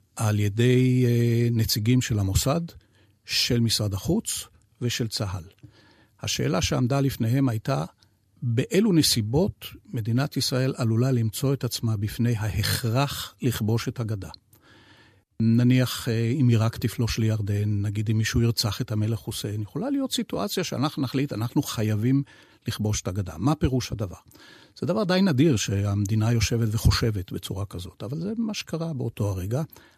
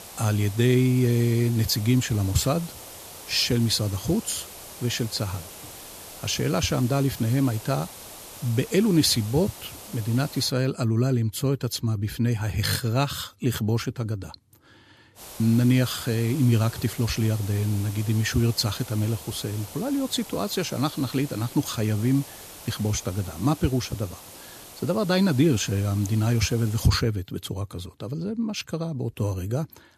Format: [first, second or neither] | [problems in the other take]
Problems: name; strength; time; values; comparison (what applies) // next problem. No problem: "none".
first | hiss; noticeable; until 11 s and from 15 to 27 s; 15 dB below the speech